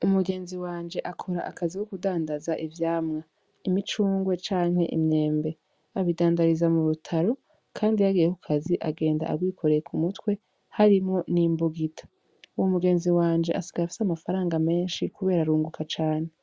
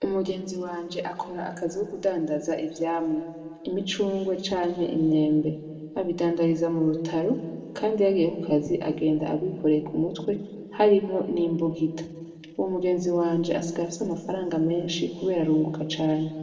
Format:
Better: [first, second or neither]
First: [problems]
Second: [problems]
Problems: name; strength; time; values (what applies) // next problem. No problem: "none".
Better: first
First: none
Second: room echo; dies away in 1.8 s